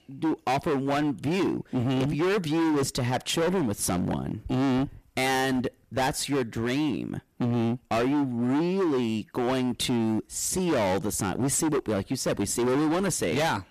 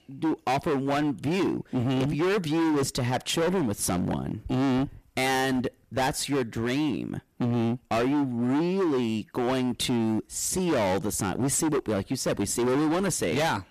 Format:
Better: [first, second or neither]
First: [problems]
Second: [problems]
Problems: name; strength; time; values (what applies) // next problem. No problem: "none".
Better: neither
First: distortion; heavy; 25% of the sound clipped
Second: distortion; heavy; 25% of the sound clipped